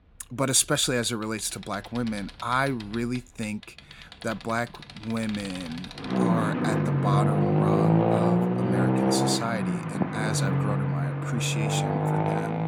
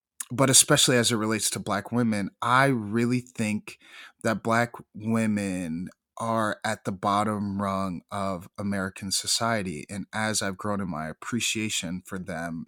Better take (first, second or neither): second